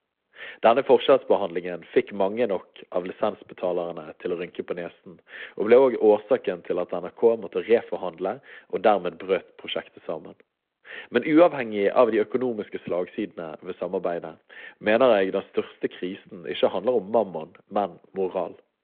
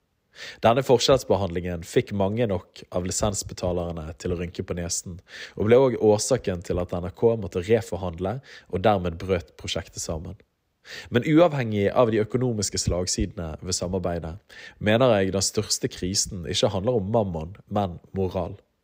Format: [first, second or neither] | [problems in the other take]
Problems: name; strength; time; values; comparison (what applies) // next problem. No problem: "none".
second | phone-call audio